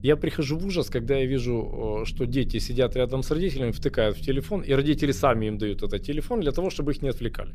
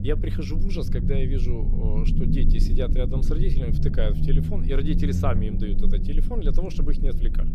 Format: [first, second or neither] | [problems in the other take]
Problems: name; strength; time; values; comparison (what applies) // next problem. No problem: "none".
first | low rumble; loud; throughout; 4 dB below the speech; faint in the first